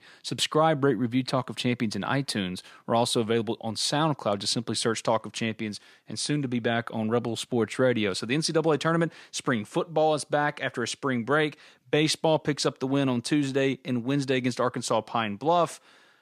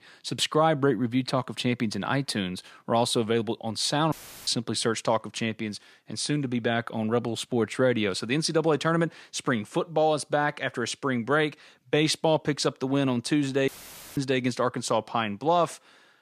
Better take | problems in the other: first | audio cutting out; filled with static; at 4 s and at 14 s

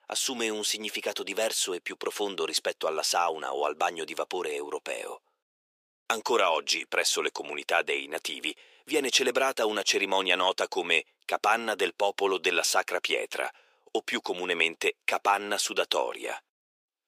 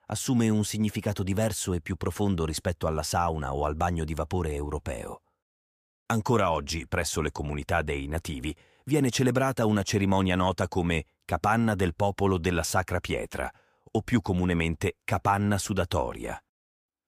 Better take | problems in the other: second | thin; very; fading below 400 Hz

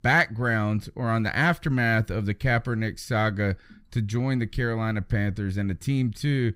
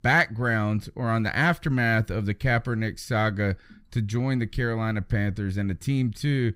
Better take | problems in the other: neither | none

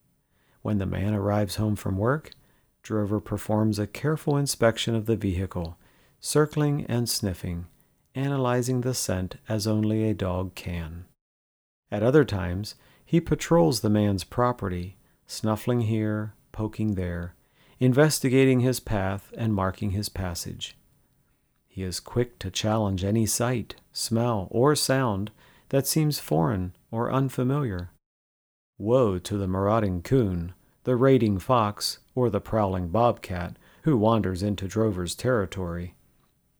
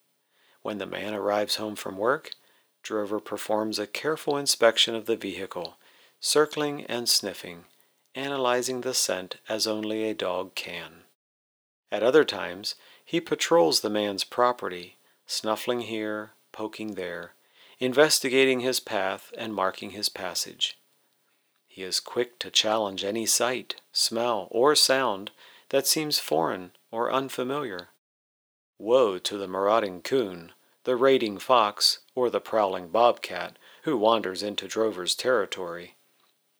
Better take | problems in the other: first | thin; somewhat; fading below 450 Hz

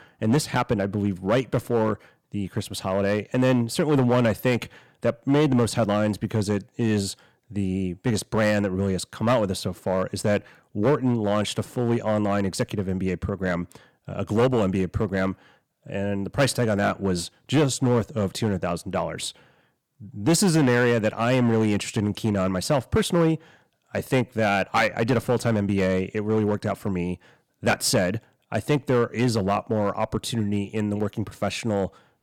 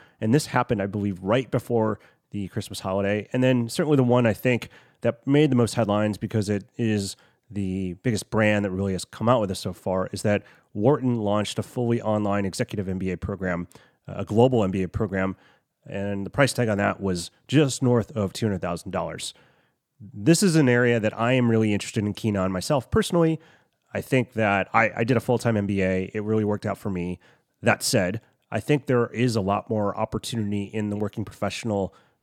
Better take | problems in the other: second | distortion; slight; 4% of the sound clipped

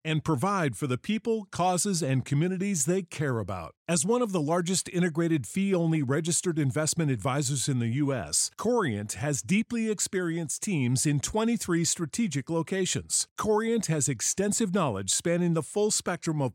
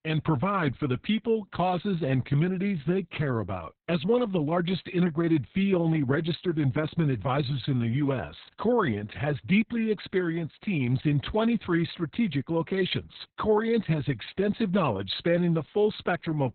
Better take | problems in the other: first | garbled, watery; badly; nothing above 4 kHz

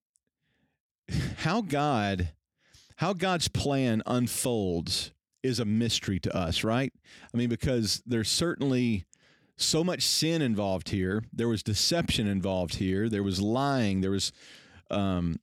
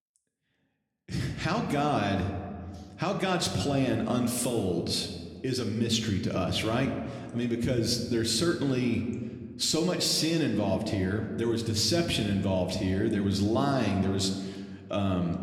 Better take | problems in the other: first | room echo; slight; dies away in 1.4 s

